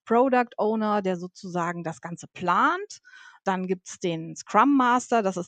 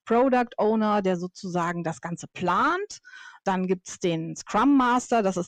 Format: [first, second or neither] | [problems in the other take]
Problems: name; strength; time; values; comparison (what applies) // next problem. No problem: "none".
first | distortion; slight; 10 dB below the speech